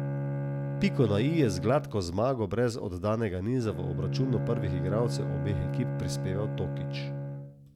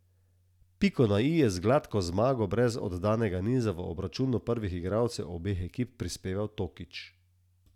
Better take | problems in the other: second | background sound (Bowed string instrument); 3 dB below the speech

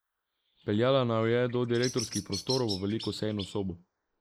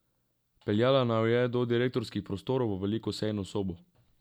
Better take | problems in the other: second | noise reduction (neural mask model Resemble Enhance denoiser)

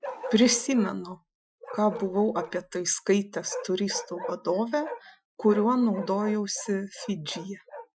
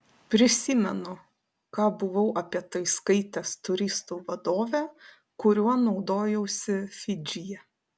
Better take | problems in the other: second | noise reduction (classical method Wiener filter)

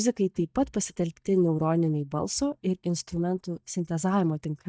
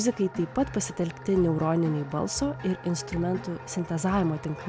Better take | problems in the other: second | noise reduction (neural mask model DeepFilterNet 3)

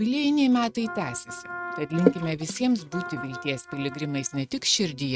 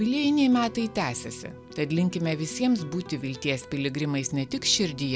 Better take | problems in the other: second | noise reduction (neural mask model RNNoise)

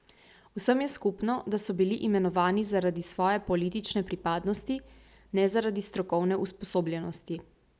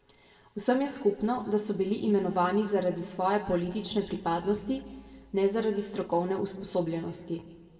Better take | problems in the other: first | room echo; dies away in 1.5 s

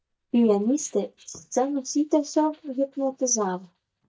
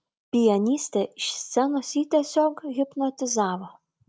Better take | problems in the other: second | noise reduction (neural mask model DeepFilterNet 3)

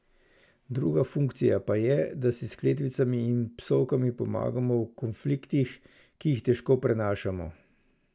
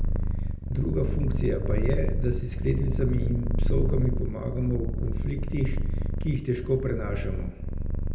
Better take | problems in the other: first | background sound (Purr); 3 dB above the speech // room echo; dies away in 0.7 s

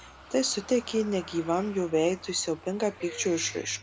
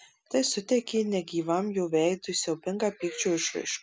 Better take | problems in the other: second | background sound (Engine starting / Motor vehicle (road)); 19 dB below the speech

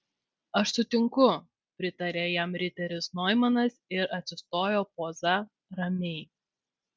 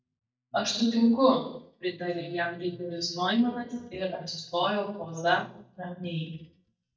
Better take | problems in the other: first | noise reduction (neural mask model DeepFilterNet 3)

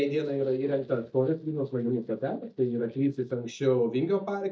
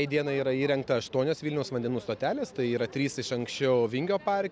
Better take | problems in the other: second | noise reduction (neural mask model DeepFilterNet 3)

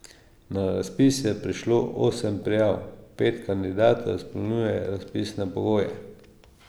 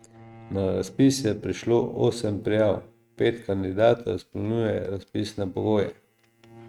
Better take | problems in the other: first | noise reduction (neural mask model RNNoise)

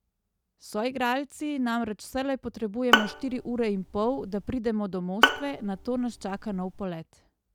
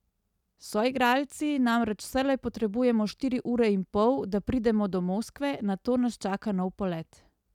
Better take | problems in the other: second | background sound (Bowed string instrument); 1 dB above the speech

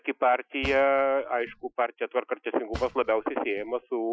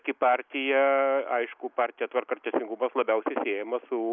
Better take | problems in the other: second | noise reduction (classical method Wiener filter)

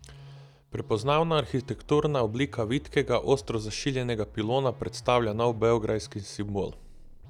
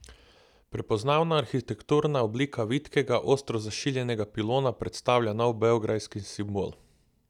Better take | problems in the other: second | background sound (Musical instrument); 19 dB below the speech

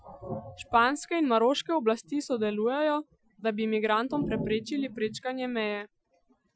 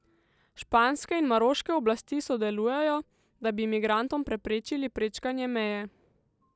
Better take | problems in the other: second | noise reduction (classical method Wiener filter)

